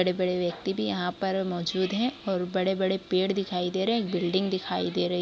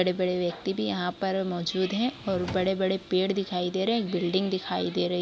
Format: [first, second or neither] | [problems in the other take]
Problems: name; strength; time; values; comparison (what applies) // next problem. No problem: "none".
first | background sound (Drawer open or close); 15 dB below the speech